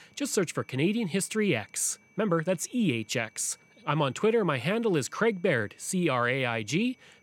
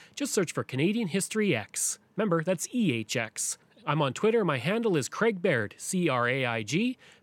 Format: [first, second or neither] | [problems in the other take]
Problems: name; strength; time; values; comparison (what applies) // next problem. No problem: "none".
second | high-pitched whine; faint; throughout; 2.5 kHz, 35 dB below the speech